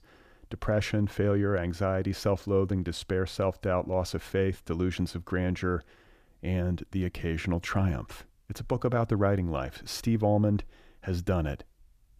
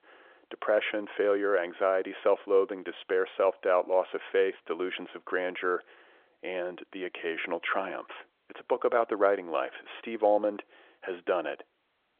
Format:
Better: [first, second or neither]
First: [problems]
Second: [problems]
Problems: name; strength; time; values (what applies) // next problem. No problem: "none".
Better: first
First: none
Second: phone-call audio; nothing above 3.5 kHz